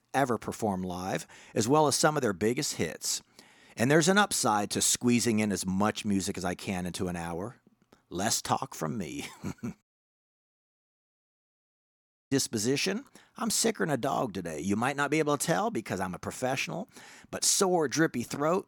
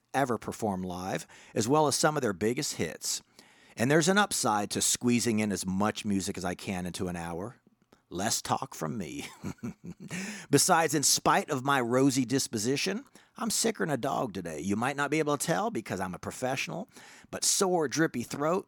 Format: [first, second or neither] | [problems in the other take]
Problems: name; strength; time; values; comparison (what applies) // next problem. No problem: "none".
second | audio cutting out; at 10 s for 2.5 s